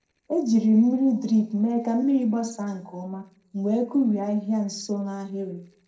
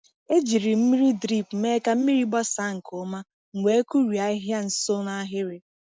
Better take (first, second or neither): second